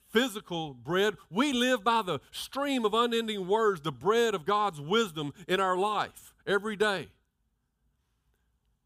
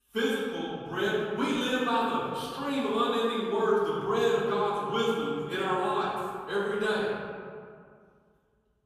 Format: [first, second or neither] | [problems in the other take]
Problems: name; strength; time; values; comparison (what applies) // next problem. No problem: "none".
first | off-mic speech; far // room echo; strong; dies away in 1.9 s